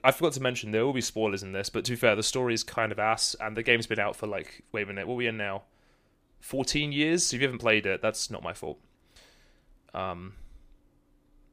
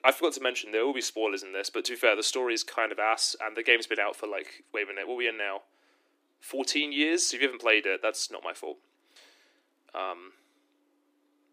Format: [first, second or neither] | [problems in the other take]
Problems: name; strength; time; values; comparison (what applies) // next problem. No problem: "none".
first | thin; very slightly; fading below 300 Hz